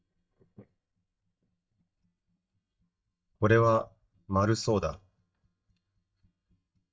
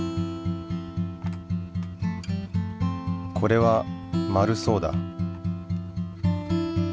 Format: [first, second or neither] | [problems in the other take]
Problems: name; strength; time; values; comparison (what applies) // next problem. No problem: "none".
second | noise reduction (neural mask model DeepFilterNet 3)